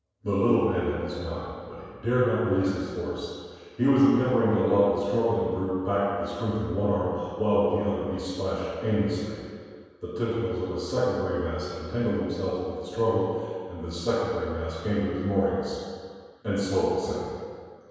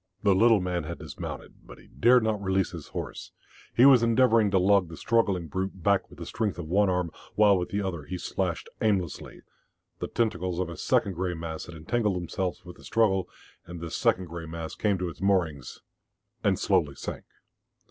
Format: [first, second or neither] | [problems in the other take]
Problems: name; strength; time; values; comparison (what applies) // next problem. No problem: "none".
second | room echo; dies away in 1.9 s